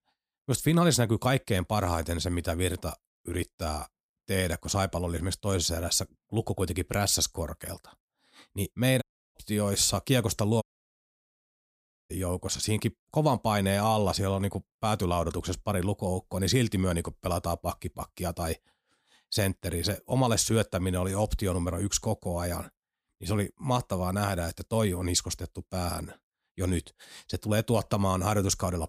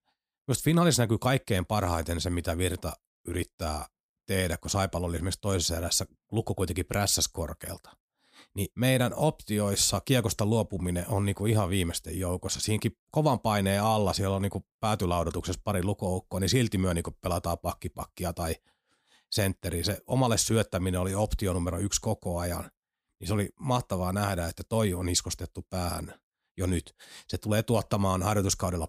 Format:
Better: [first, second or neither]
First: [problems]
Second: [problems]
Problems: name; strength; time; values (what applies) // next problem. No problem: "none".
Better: second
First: audio cutting out; at 9 s and at 11 s for 1.5 s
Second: none